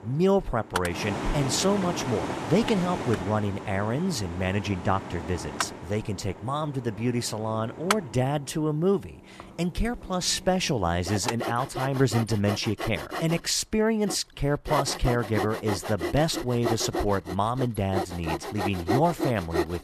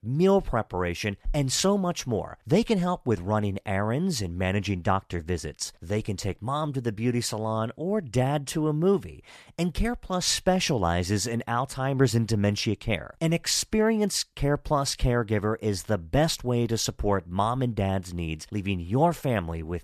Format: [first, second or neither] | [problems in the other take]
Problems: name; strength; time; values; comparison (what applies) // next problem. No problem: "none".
second | machinery noise; loud; throughout; 6 dB below the speech